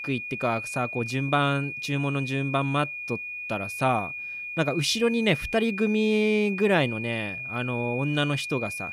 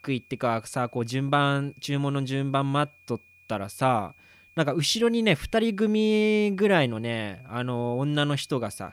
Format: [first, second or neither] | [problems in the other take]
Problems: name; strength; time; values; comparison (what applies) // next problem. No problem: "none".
second | high-pitched whine; loud; throughout; 2.5 kHz, 6 dB below the speech; faint in the second